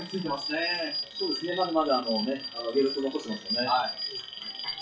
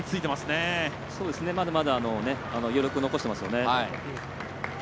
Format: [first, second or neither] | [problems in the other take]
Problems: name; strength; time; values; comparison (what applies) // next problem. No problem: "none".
second | noise reduction (classical method WPE with log-MMSE)